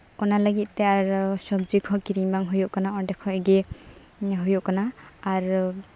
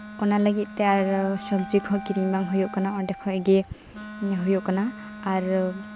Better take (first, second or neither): first